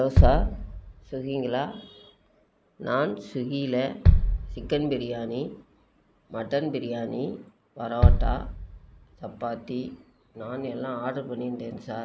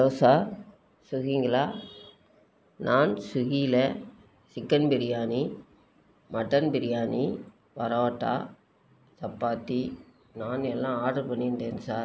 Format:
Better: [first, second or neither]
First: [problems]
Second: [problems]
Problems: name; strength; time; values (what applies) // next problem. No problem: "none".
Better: second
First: background sound (Bass drum); 3 dB above the speech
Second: none